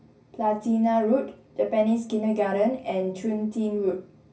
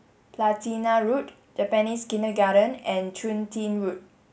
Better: second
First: room echo; dies away in 0.4 s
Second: none

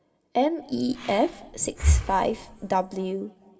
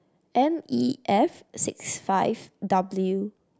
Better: second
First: background sound (Breathing); 2 dB below the speech // room echo; dies away in 1.8 s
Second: none

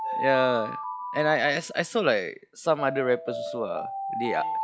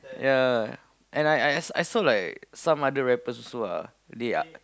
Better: second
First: noise reduction (classical method log-MMSE)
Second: none

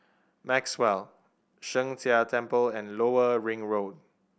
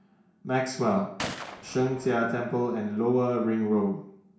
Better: first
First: none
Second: background sound (Gunshot, gunfire); 14 dB below the speech // room echo; dies away in 0.6 s

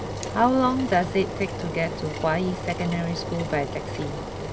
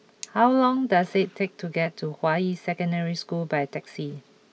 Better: second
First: background sound (Engine); 6 dB below the speech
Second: none

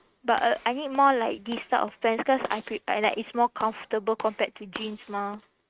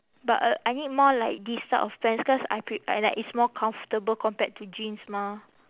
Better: second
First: noise reduction (neural mask model RNNoise)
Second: none

